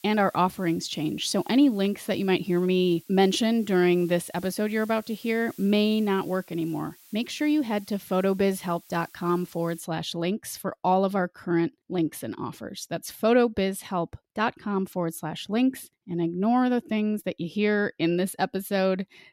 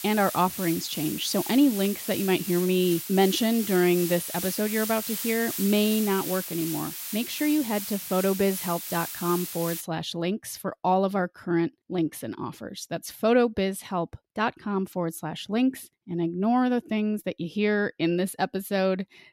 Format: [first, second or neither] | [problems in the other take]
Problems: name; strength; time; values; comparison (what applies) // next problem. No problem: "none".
first | hiss; loud; until 10 s; 6 dB below the speech; faint in the first